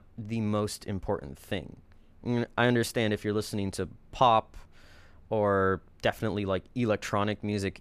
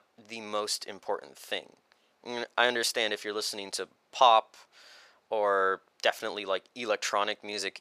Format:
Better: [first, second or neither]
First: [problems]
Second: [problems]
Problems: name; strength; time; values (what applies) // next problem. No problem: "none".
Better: first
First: none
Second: thin; very; fading below 600 Hz